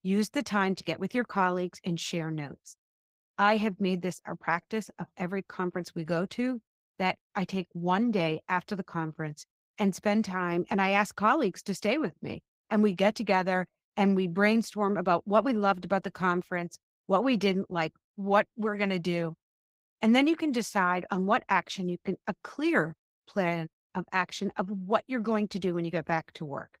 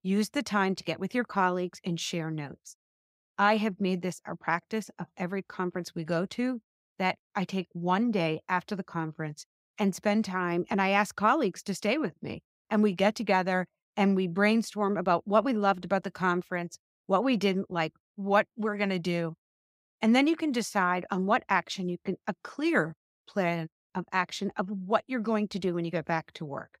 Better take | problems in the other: second | garbled, watery; slightly; nothing above 15.5 kHz

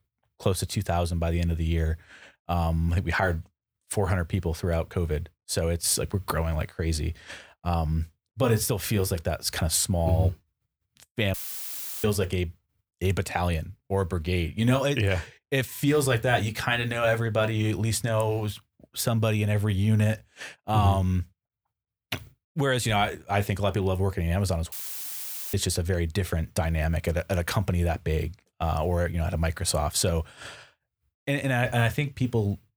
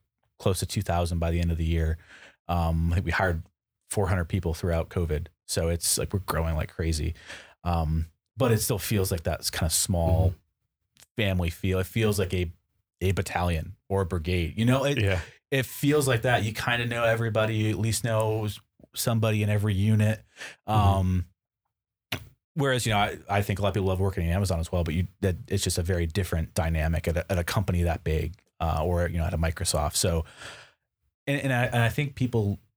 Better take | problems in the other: second | audio cutting out; filled with static; at 11 s for 0.5 s and at 25 s for 1 s

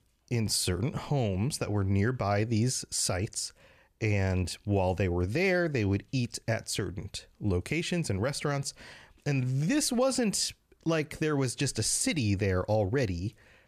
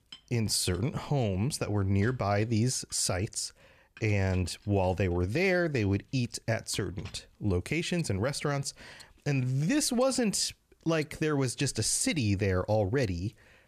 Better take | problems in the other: first | household noises; faint; throughout; 25 dB below the speech

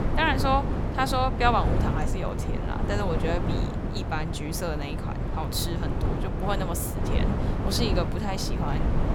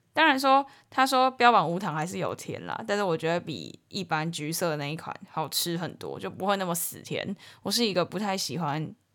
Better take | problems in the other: second | wind noise on the microphone; heavy; 6 dB below the speech

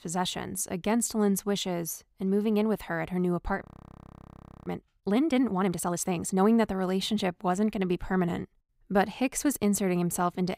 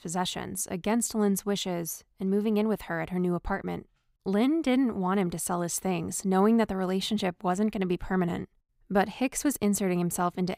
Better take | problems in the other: second | audio freezing; at 3.5 s for 1 s

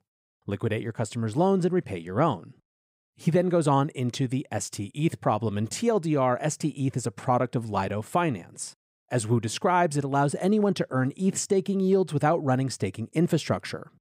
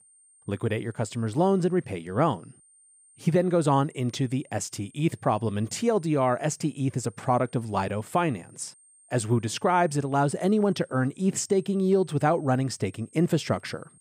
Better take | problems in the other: first | high-pitched whine; faint; throughout; 8.5 kHz, 30 dB below the speech

